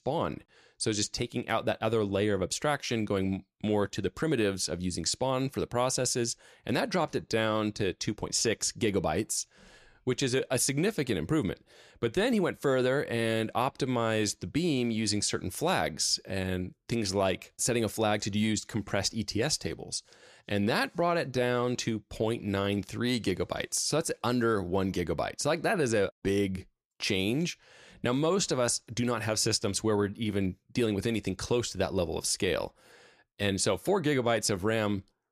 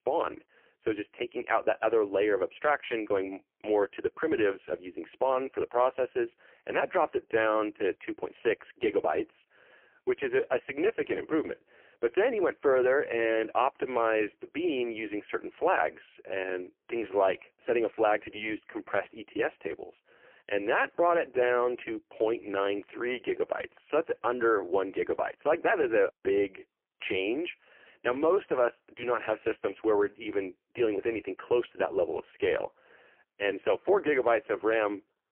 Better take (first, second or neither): first